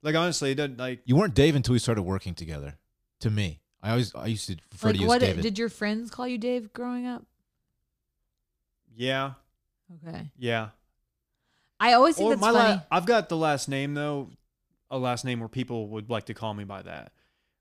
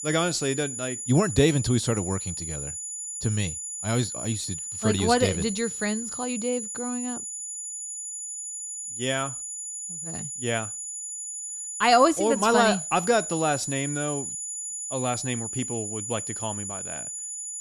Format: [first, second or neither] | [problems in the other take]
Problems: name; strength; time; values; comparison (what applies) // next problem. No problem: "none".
first | high-pitched whine; loud; throughout; 7 kHz, 5 dB below the speech